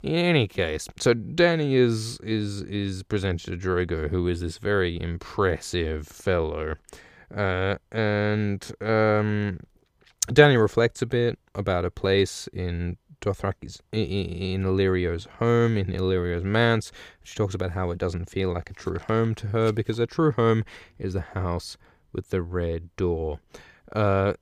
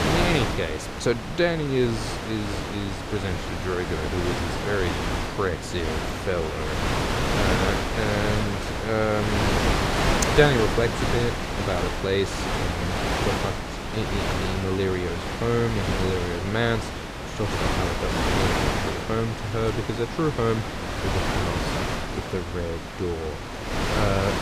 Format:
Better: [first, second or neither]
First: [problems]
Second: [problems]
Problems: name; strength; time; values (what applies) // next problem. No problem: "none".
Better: first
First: none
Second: wind noise on the microphone; heavy; 1 dB above the speech